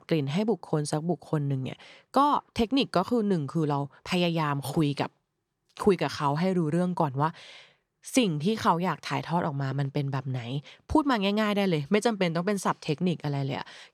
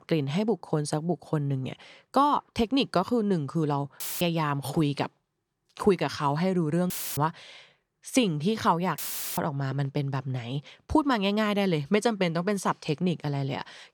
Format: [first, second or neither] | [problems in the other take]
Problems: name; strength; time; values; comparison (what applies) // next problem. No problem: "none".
first | audio cutting out; filled with static; at 4 s, at 7 s and at 9 s